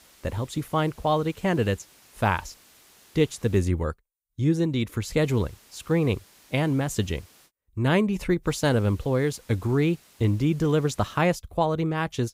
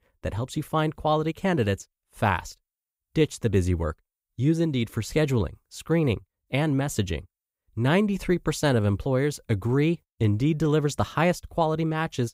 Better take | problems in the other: second | hiss; faint; until 3.5 s, from 5 to 7.5 s and from 8.5 to 11 s; 30 dB below the speech

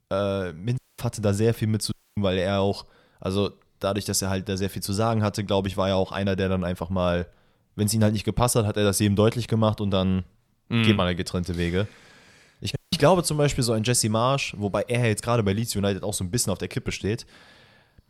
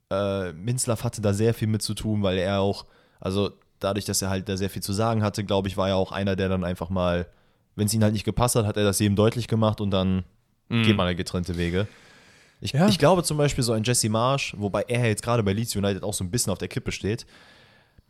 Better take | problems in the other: second | audio cutting out; at 1 s, at 2 s and at 13 s

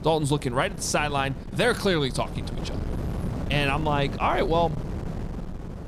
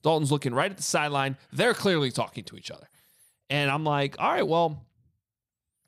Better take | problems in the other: second | wind noise on the microphone; occasional gusts; 15 dB below the speech

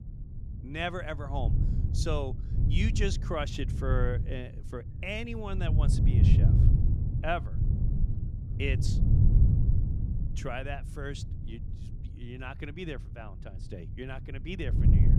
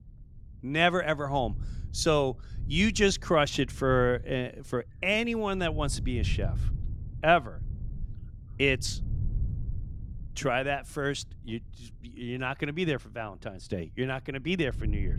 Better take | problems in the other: second | wind noise on the microphone; heavy; 5 dB below the speech; occasional gusts in the second

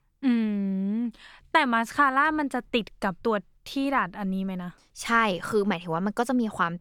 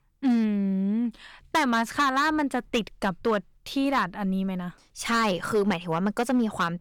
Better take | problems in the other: first | distortion; slight; 5% of the sound clipped

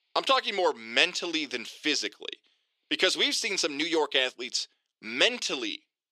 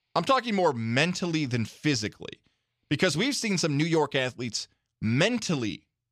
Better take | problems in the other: second | thin; somewhat; fading below 350 Hz

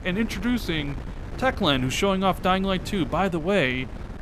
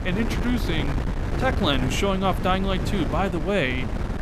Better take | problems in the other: first | wind noise on the microphone; heavy; 8 dB below the speech; occasional gusts in the first

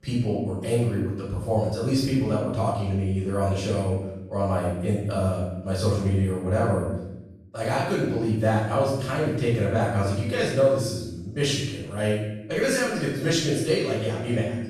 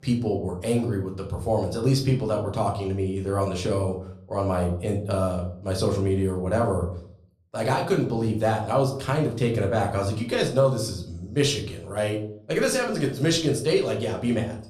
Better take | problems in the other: second | room echo; strong; dies away in 0.9 s; slight in the second // off-mic speech; far; somewhat distant in the second

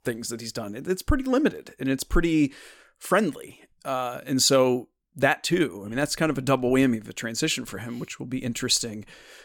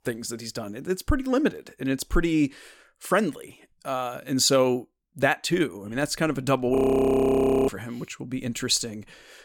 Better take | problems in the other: first | audio freezing; at 7 s for 1 s

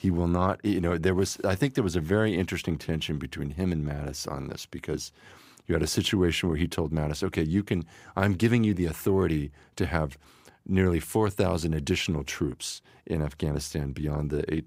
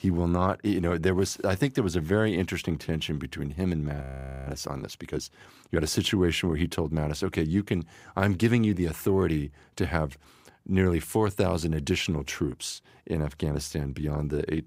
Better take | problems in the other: first | audio freezing; at 4 s

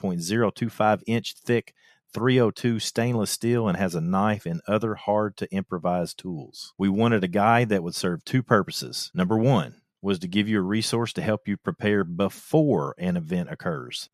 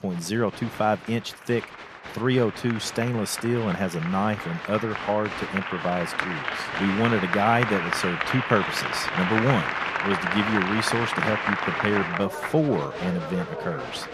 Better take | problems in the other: first | crowd noise; loud; throughout; 2 dB below the speech

